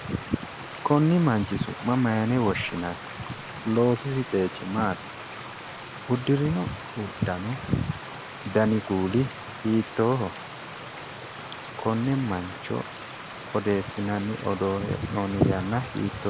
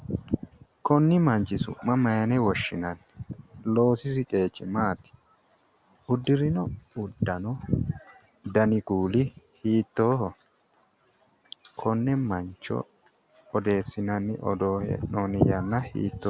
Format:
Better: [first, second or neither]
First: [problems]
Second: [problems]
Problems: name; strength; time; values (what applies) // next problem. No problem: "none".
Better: second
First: background sound (Stream); 12 dB below the speech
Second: none